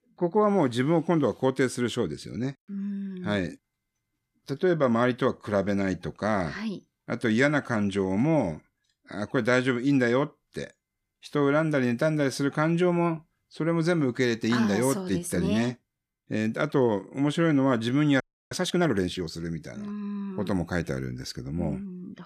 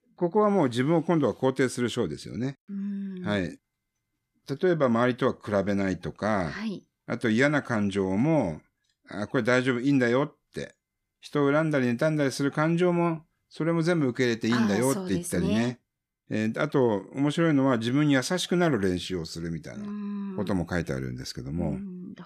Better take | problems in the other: second | audio freezing; at 18 s

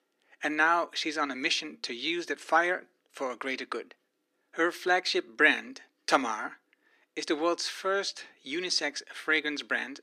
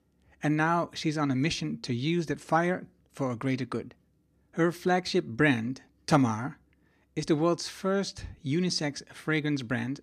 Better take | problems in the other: second | thin; very; fading below 350 Hz

